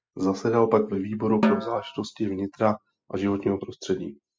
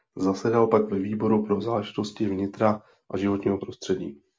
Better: second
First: noise reduction (classical method spectral subtraction)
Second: none

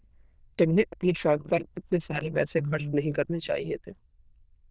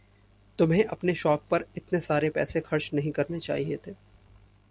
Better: second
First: noise reduction (neural diffusion model UNIVERSE++)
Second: none

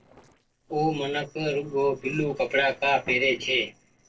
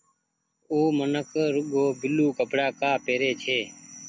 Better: second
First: noise reduction (neural separator model SepFormer DNS4)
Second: none

